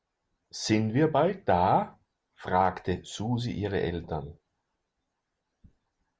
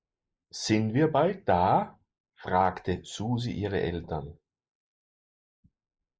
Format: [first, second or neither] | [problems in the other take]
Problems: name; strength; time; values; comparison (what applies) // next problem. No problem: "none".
first | noise reduction (neural mask model Resemble Enhance denoiser)